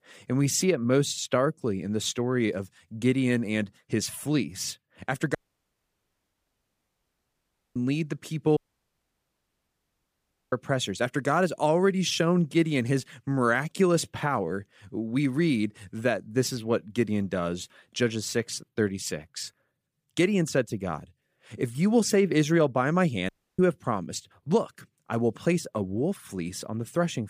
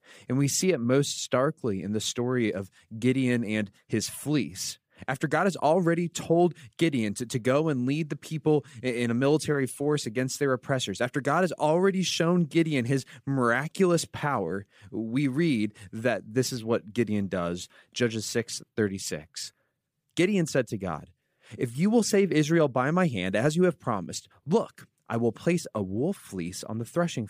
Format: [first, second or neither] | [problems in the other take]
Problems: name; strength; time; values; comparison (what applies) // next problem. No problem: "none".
second | audio cutting out; at 5.5 s for 2.5 s, at 8.5 s for 2 s and at 23 s